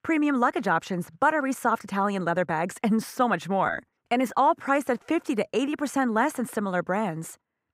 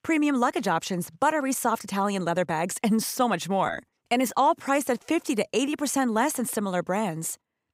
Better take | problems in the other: second | muffled; slightly; fading above 3 kHz

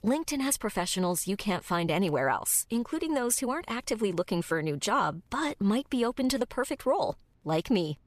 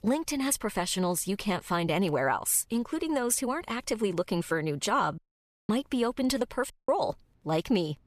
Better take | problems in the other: first | audio cutting out; at 5 s for 0.5 s and at 6.5 s

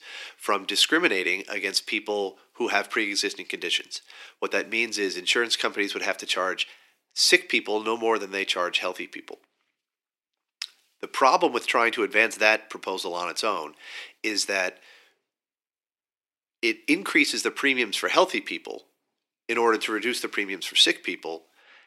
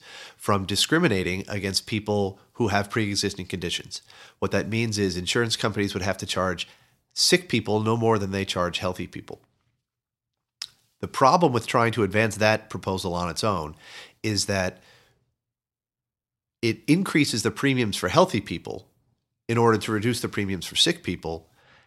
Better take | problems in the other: second | thin; somewhat; fading below 300 Hz

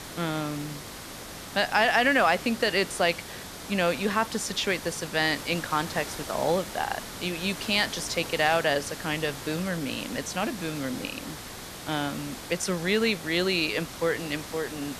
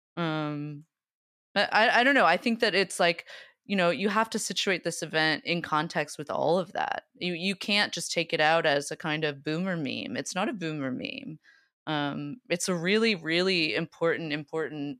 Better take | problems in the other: second | hiss; noticeable; throughout; 10 dB below the speech

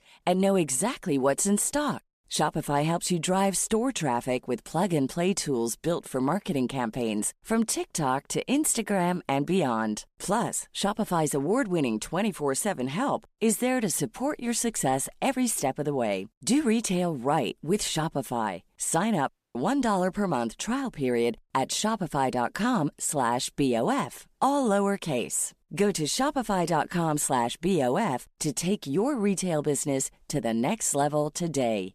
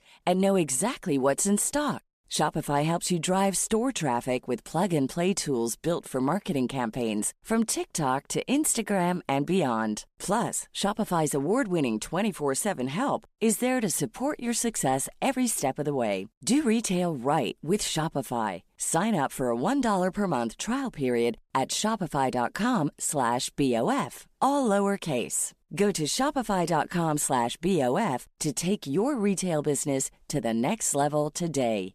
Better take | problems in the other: second | audio cutting out; at 19 s

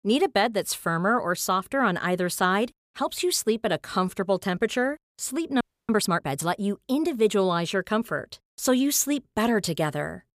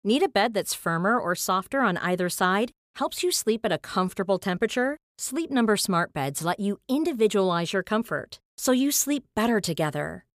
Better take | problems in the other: second | audio freezing; at 5.5 s

